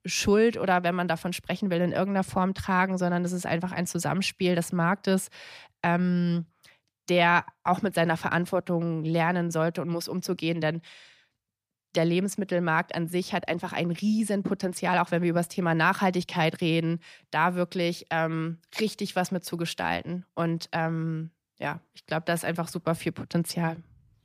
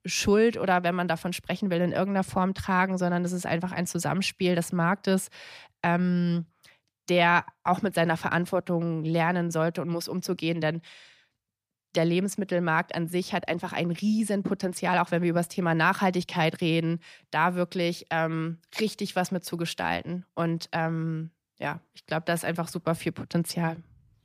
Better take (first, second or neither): neither